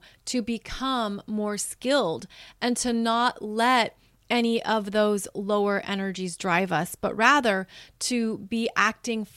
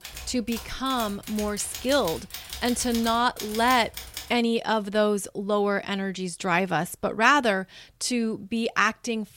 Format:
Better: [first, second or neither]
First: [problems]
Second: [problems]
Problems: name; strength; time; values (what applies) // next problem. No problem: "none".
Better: first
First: none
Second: keyboard typing; noticeable; until 4.5 s; peak 9 dB below the speech